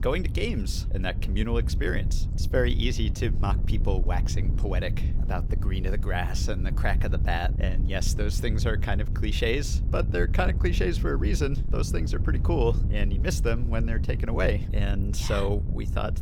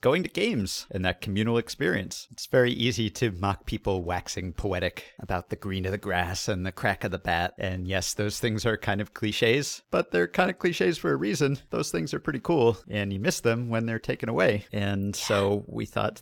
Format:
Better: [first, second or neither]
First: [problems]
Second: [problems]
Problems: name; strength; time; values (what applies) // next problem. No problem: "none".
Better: second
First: wind noise on the microphone; occasional gusts; 10 dB below the speech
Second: none